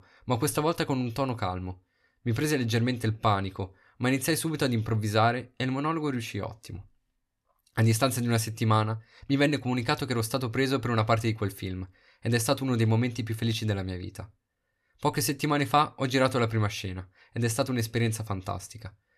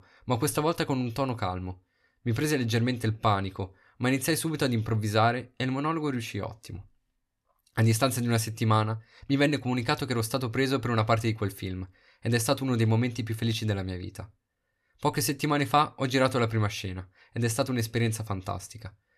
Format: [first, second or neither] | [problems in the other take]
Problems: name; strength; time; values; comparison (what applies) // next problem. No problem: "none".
neither | none